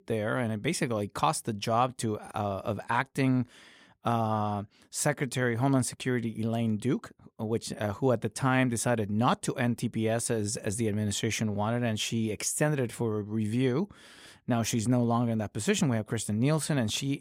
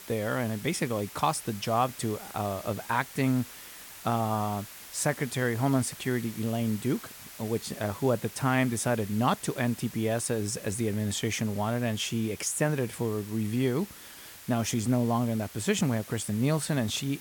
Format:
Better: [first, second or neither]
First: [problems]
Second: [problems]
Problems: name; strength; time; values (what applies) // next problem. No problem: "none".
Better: first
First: none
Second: hiss; noticeable; throughout; 15 dB below the speech